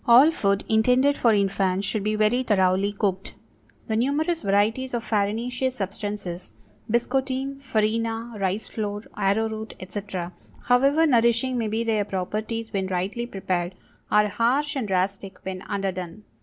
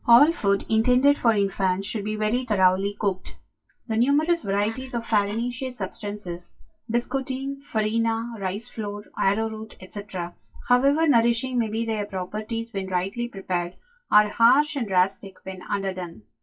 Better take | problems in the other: first | noise reduction (classical method WPE with log-MMSE)

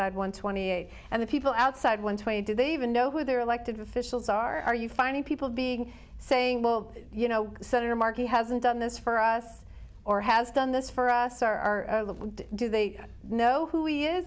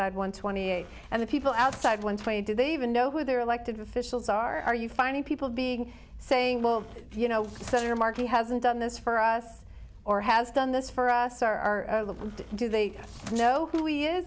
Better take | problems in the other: first | background sound (Squeak); 20 dB below the speech

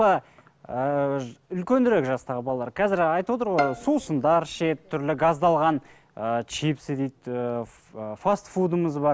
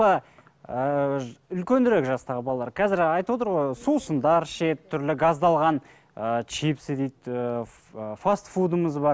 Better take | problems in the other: second | background sound (Bowed string instrument); 11 dB below the speech

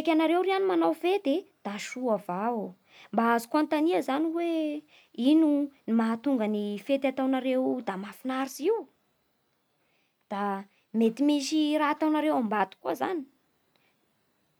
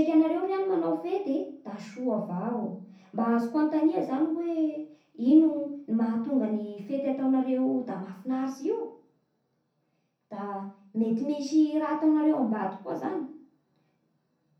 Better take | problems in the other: first | room echo; dies away in 0.6 s

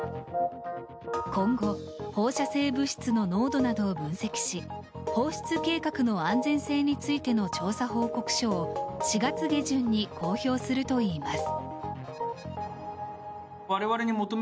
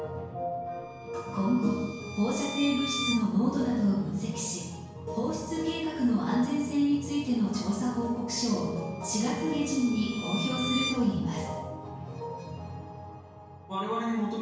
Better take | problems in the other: first | background sound (Bowed string instrument); 10 dB below the speech // room echo; dies away in 1 s

